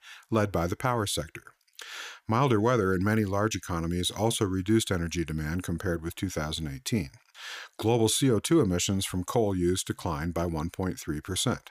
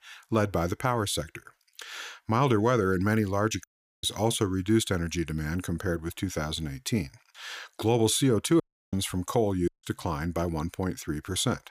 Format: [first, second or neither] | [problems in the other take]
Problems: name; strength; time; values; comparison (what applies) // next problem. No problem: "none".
first | audio cutting out; at 3.5 s, at 8.5 s and at 9.5 s